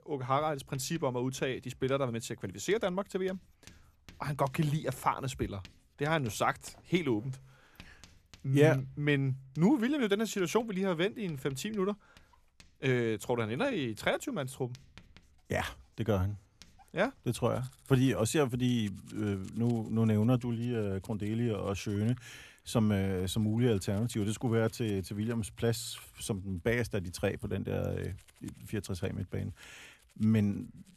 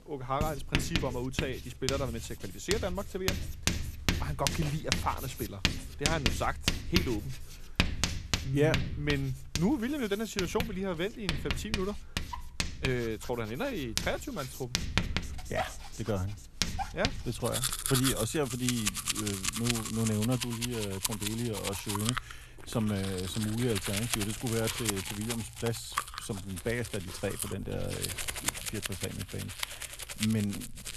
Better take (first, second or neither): first